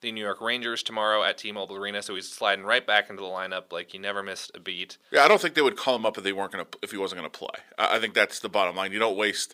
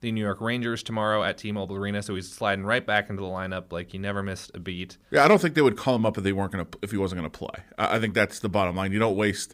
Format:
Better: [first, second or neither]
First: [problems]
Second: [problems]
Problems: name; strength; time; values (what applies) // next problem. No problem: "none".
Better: second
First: thin; somewhat; fading below 450 Hz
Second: none